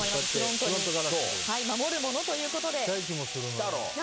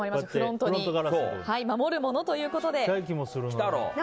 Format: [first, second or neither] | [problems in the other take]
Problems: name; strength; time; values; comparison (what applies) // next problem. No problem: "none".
second | background sound (Explosion); as loud as the speech